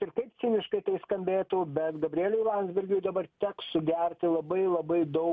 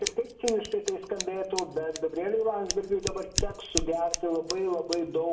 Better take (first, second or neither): first